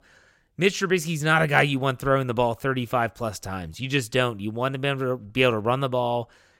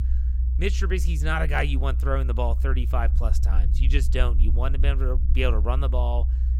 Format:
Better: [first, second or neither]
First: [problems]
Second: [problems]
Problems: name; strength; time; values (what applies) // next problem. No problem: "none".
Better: first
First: none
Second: low rumble; noticeable; throughout; 15 dB below the speech